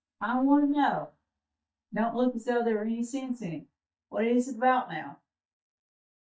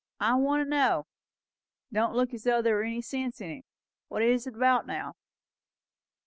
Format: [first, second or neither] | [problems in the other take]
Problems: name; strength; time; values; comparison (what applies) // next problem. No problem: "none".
second | noise reduction (neural mask model DeepFilterNet 3)